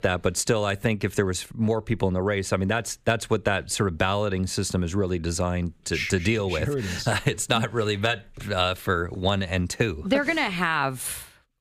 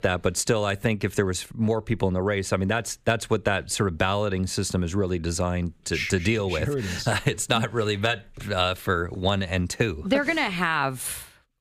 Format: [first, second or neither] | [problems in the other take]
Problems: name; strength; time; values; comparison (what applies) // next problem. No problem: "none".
neither | none